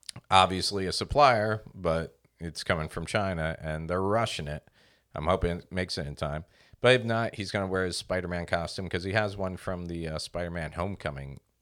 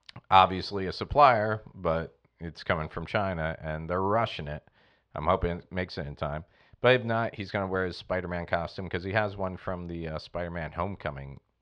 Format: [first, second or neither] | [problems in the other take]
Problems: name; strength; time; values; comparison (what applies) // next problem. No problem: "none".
first | muffled; slightly; fading above 3.5 kHz